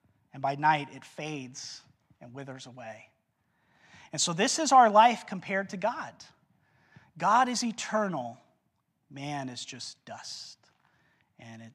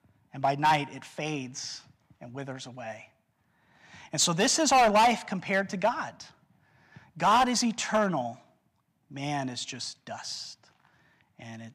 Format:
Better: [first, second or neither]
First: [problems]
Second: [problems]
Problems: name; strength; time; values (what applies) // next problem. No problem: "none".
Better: first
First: none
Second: distortion; heavy; 3% of the sound clipped